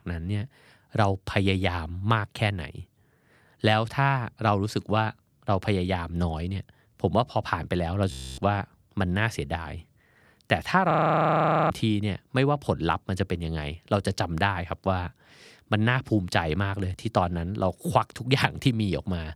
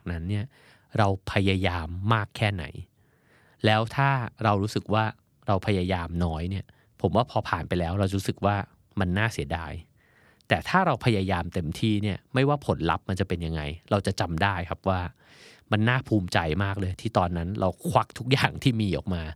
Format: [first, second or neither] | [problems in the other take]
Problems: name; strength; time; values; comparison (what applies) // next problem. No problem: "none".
second | audio freezing; at 8 s and at 11 s for 1 s